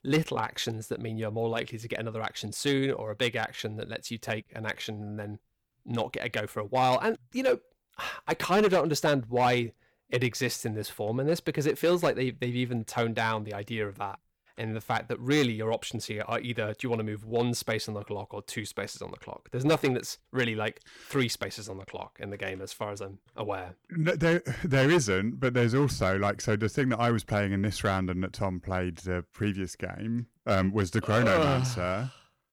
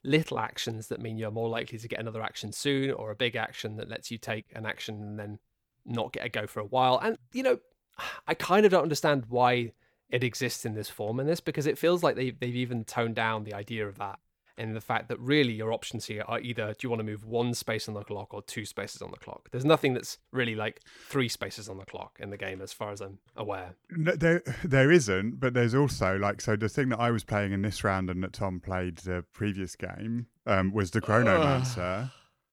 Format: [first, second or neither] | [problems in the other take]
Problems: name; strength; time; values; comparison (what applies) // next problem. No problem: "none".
second | distortion; slight; 3% of the sound clipped